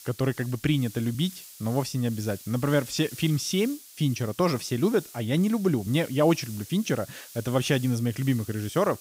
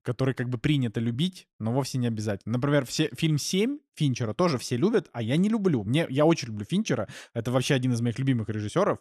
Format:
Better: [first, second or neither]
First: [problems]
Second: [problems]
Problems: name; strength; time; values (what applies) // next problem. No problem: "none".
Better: second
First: hiss; noticeable; throughout; 15 dB below the speech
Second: none